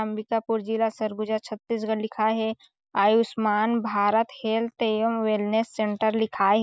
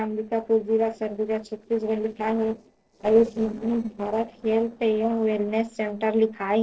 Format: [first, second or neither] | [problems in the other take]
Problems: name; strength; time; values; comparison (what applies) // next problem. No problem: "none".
first | noise reduction (neural separator model SepFormer DNS4)